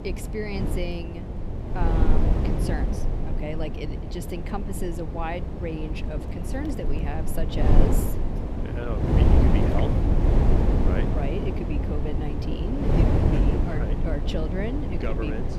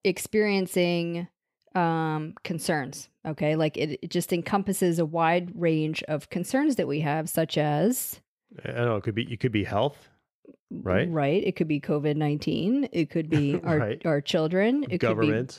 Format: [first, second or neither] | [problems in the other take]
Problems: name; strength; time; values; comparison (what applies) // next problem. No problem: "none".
second | wind noise on the microphone; heavy; 1 dB above the speech